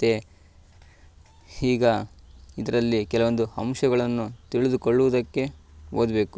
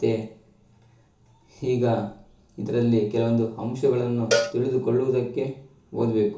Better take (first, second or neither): first